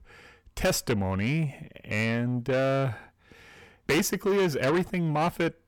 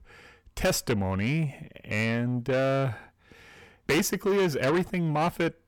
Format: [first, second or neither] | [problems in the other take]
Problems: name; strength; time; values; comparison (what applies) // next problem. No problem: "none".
neither | distortion; heavy; 7 dB below the speech; the same in both